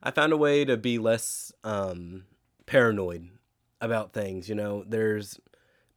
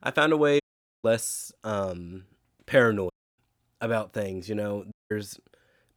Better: first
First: none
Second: audio cutting out; at 0.5 s, at 3 s and at 5 s

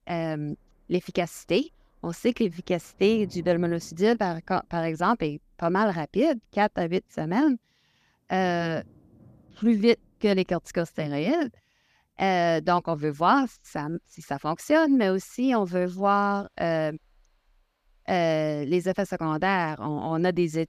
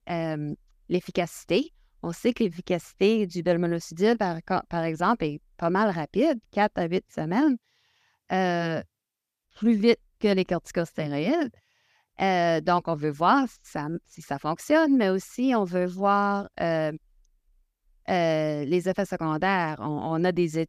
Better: second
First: rain or running water; faint; throughout; 25 dB below the speech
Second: none

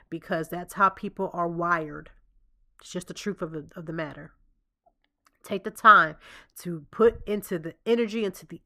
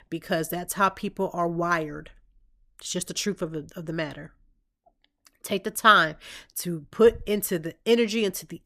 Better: second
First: muffled; slightly; fading above 2.5 kHz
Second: none

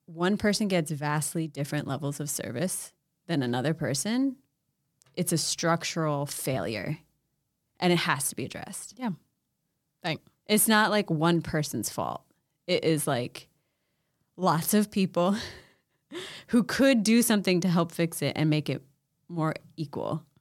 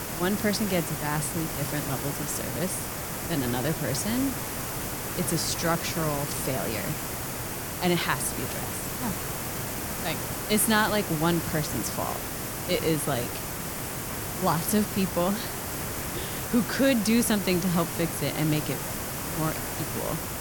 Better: first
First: none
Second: hiss; loud; throughout; 3 dB below the speech

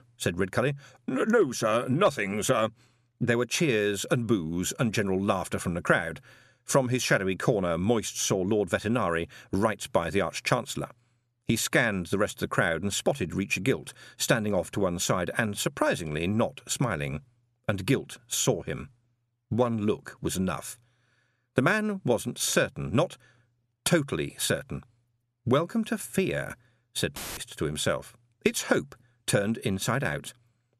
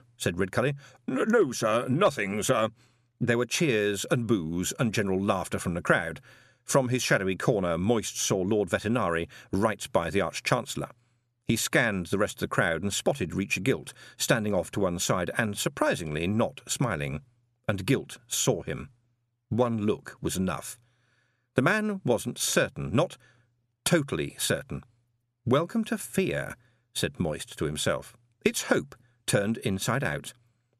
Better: second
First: audio cutting out; filled with static; at 27 s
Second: none

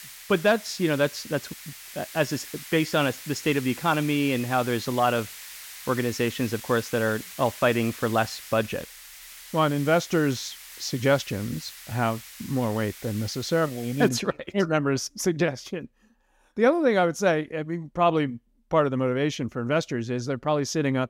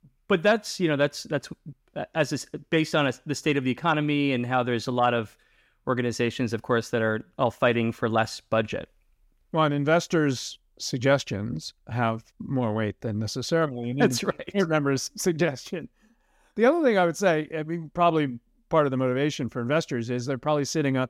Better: second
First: hiss; noticeable; until 14 s; 15 dB below the speech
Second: none

